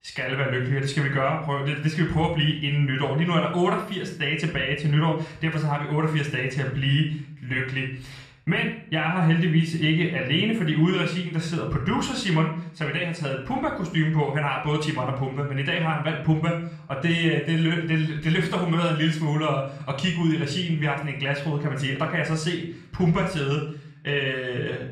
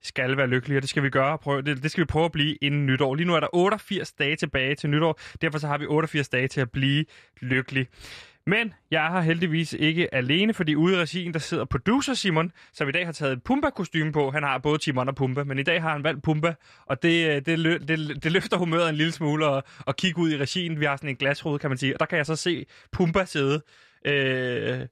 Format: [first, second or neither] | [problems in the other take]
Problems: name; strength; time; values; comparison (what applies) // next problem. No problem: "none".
second | room echo; slight; dies away in 0.5 s // off-mic speech; somewhat distant